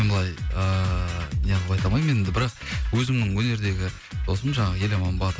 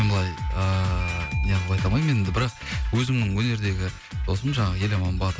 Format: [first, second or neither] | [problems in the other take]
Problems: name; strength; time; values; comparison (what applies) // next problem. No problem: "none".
first | background sound (Doorbell); 18 dB below the speech